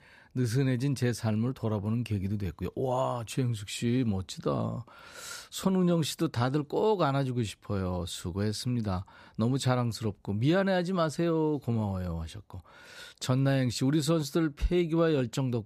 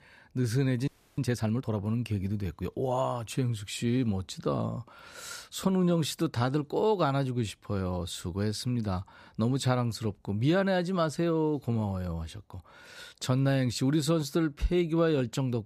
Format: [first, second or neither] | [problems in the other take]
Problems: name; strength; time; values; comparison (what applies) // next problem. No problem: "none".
first | audio freezing; at 1 s